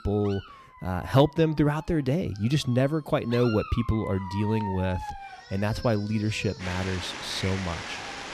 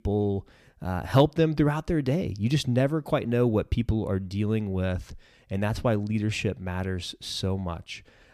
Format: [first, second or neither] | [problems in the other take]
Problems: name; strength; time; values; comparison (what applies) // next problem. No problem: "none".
second | animal sounds; noticeable; throughout; 10 dB below the speech